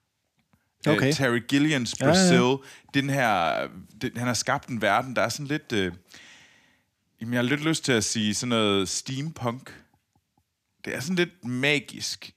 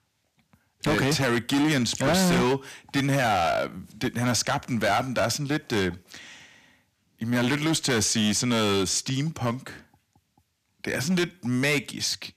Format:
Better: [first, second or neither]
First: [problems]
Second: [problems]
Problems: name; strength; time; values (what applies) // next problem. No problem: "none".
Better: first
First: none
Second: distortion; heavy; 12% of the sound clipped